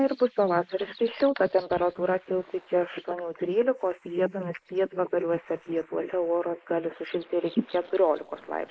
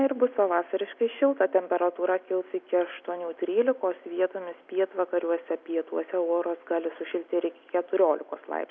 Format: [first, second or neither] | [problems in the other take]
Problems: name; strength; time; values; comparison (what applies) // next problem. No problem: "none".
second | noise reduction (neural mask model Resemble Enhance denoiser)